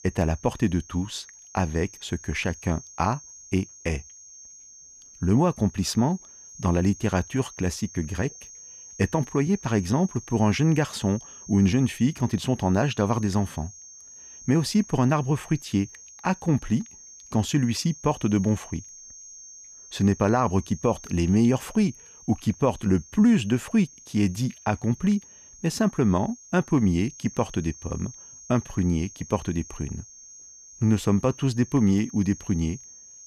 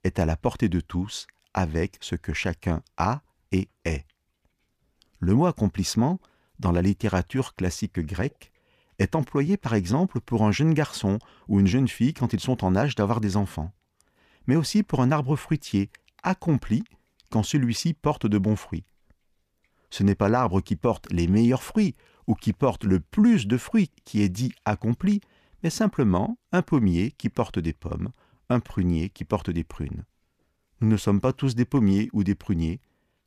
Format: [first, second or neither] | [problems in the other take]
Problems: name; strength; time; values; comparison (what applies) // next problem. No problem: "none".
second | high-pitched whine; noticeable; throughout; 6.5 kHz, 20 dB below the speech